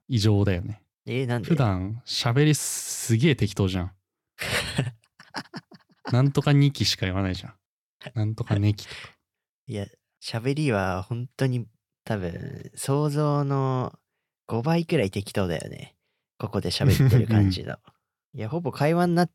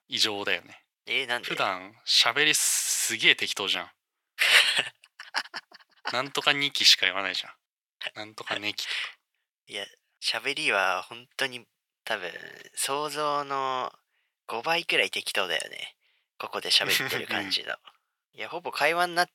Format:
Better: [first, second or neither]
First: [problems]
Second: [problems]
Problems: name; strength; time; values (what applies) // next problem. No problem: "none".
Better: first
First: none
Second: thin; very; fading below 800 Hz